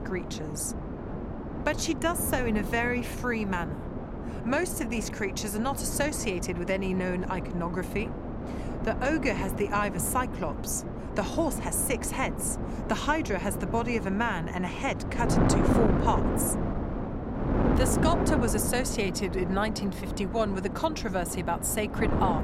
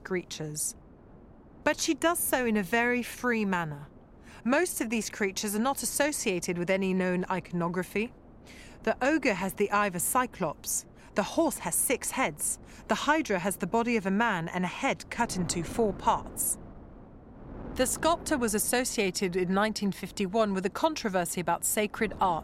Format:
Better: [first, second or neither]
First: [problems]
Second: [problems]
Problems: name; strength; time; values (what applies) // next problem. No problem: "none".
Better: second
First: wind noise on the microphone; heavy; 5 dB below the speech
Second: wind noise on the microphone; occasional gusts; 25 dB below the speech